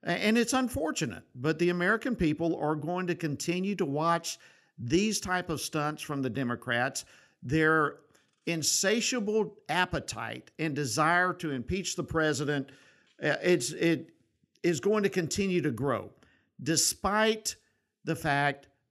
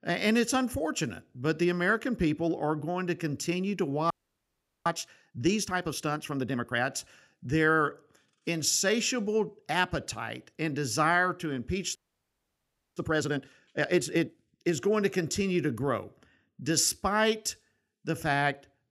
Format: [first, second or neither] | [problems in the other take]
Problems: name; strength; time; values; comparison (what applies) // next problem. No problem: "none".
first | audio freezing; at 4 s for 1 s and at 12 s for 1 s